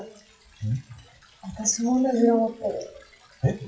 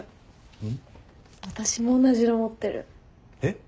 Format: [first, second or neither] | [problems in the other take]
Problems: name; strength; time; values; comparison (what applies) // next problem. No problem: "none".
second | noise reduction (classical method WPE with log-MMSE)